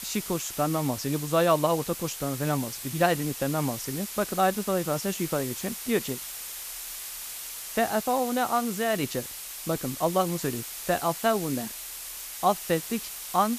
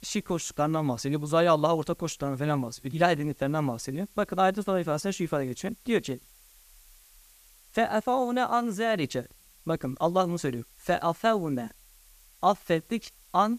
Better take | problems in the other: second | hiss; loud; throughout; 7 dB below the speech; faint in the second

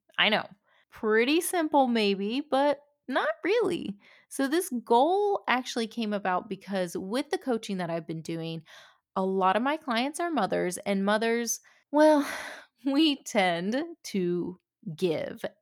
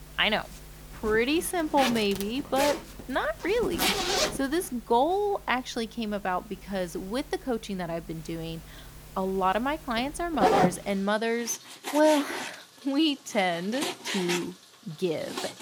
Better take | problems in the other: first | household noises; loud; throughout; 2 dB below the speech

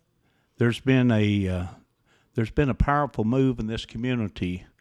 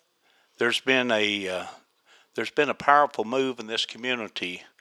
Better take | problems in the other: first | thin; very; fading below 600 Hz

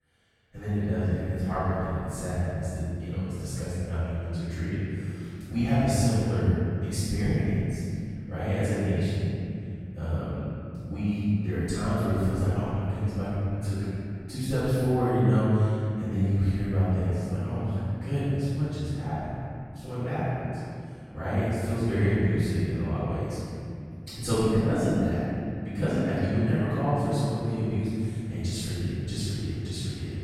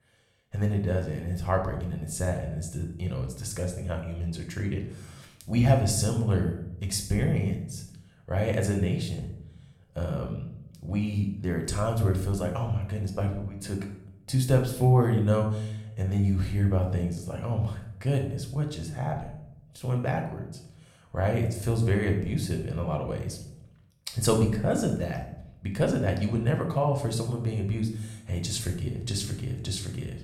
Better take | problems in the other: second | room echo; strong; dies away in 2.9 s; slight in the second // off-mic speech; far; somewhat distant in the second

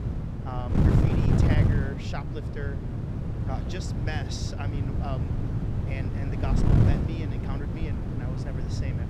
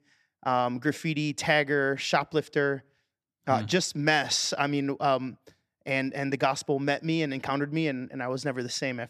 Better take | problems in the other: second | wind noise on the microphone; heavy; 3 dB above the speech

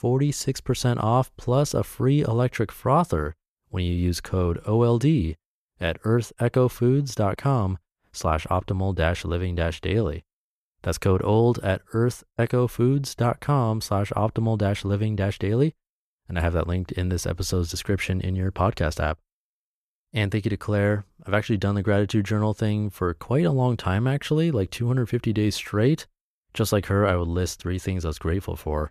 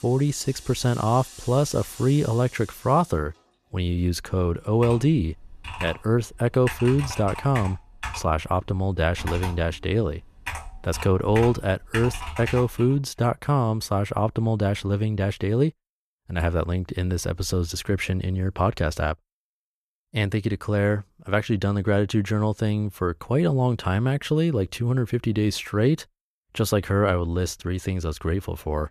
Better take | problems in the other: first | household noises; noticeable; until 13 s; 10 dB below the speech

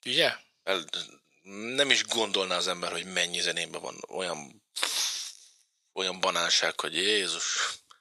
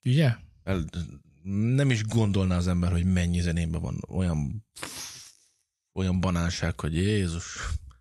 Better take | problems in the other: second | thin; very; fading below 450 Hz

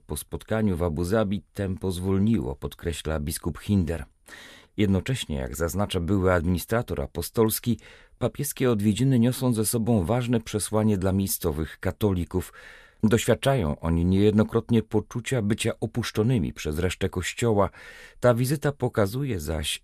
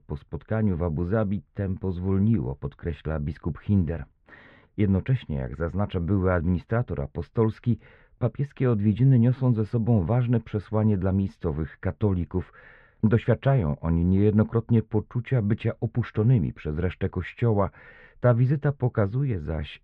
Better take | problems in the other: first | muffled; very; fading above 2 kHz

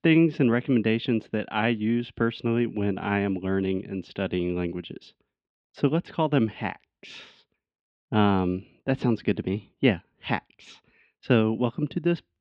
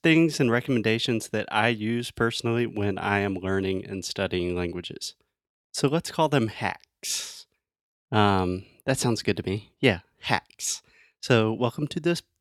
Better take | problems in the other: second | muffled; very; fading above 3 kHz

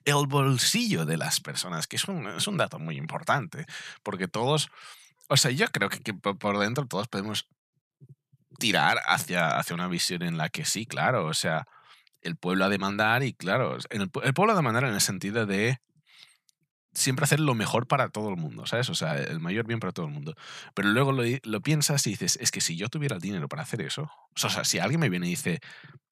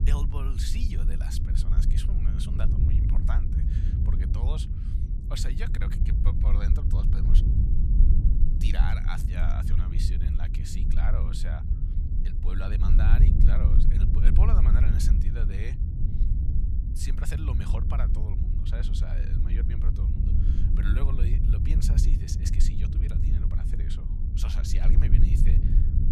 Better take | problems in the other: first | low rumble; loud; throughout; 1 dB below the speech

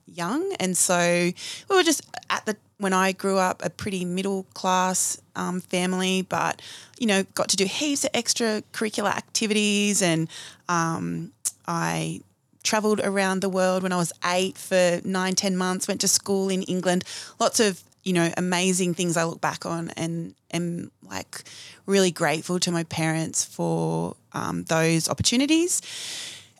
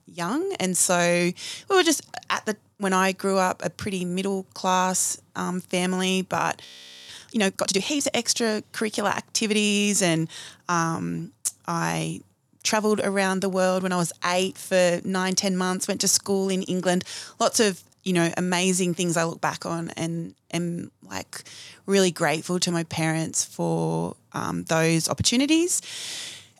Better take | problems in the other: first | audio freezing; at 6.5 s

